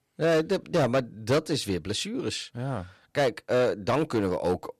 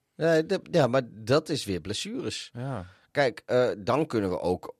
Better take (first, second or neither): second